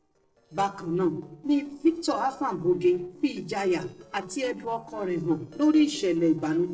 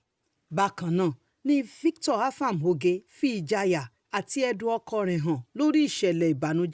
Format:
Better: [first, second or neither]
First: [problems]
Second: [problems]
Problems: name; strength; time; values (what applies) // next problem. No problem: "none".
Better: second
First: noise reduction (neural separator model SepFormer DNS4)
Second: none